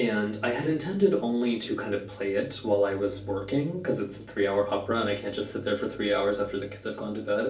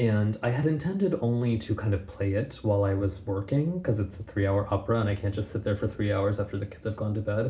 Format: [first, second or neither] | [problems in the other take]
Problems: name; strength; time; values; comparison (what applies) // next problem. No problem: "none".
second | room echo; dies away in 0.3 s